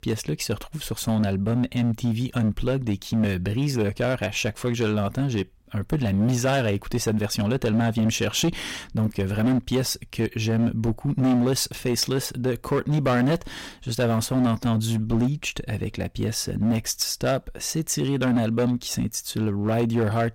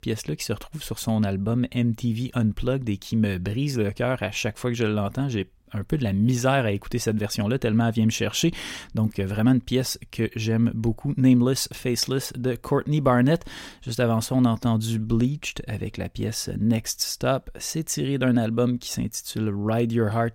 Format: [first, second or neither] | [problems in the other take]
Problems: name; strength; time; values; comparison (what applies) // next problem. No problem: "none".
second | distortion; slight; 9% of the sound clipped